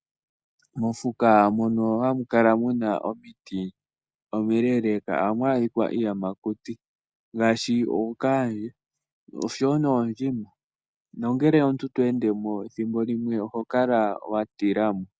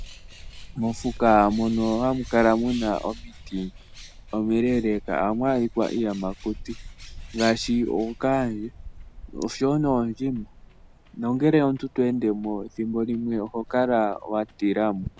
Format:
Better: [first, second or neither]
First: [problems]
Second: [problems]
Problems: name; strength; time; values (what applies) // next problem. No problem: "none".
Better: first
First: none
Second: background sound (Bird); 16 dB below the speech